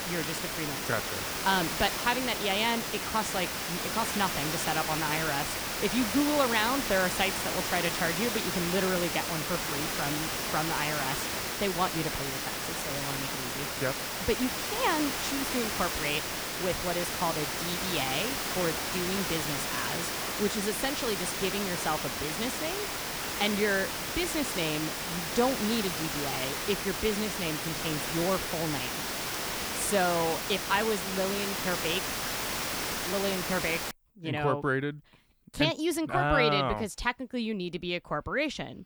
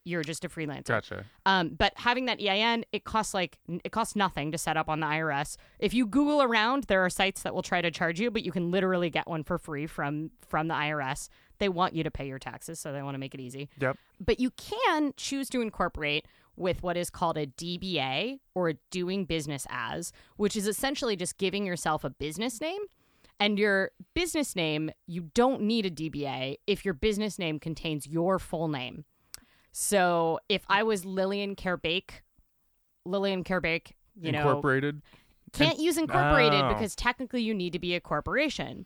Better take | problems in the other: second | hiss; loud; until 34 s; as loud as the speech

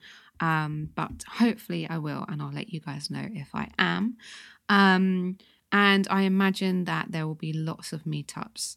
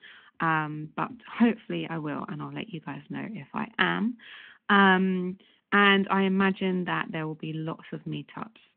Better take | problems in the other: first | phone-call audio

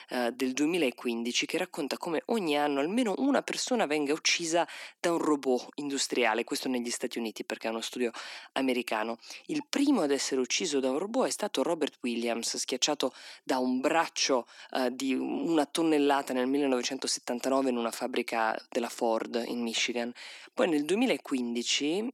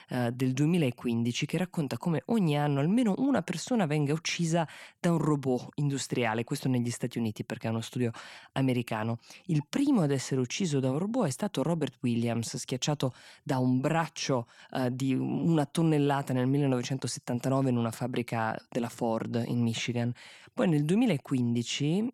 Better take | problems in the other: second | thin; very slightly; fading below 250 Hz

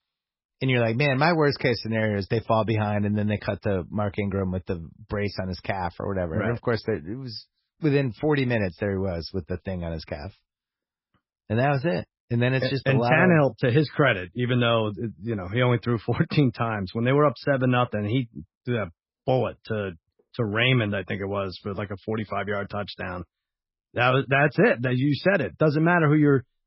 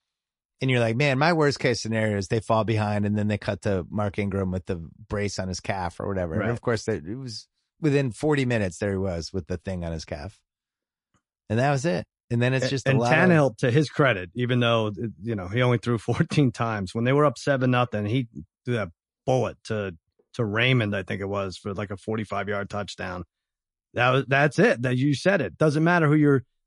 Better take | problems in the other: second | garbled, watery; badly; nothing above 5.5 kHz; slightly in the second

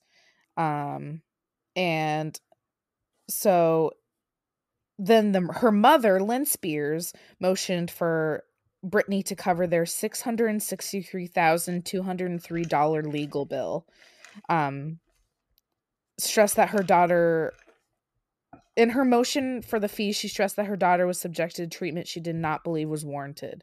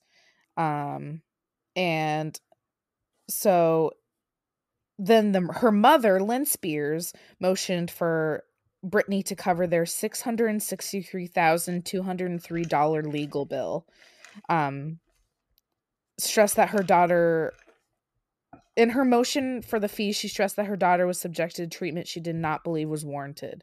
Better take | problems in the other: neither | none

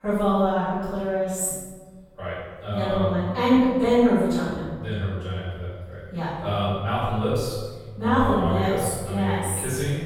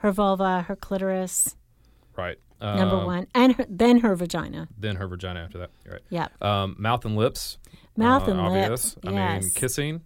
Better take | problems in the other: second | off-mic speech; far // room echo; strong; dies away in 1.3 s

